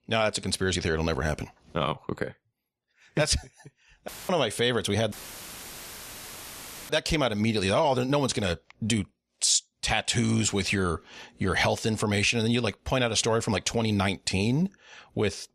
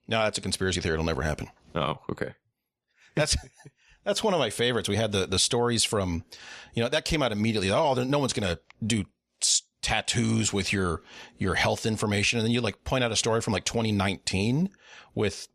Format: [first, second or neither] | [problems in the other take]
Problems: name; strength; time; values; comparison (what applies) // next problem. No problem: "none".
second | audio cutting out; filled with static; at 4 s and at 5 s for 2 s